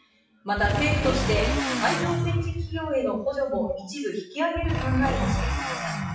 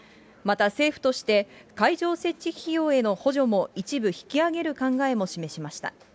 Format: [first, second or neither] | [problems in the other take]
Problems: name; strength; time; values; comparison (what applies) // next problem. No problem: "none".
second | noise reduction (classical method WPE with log-MMSE)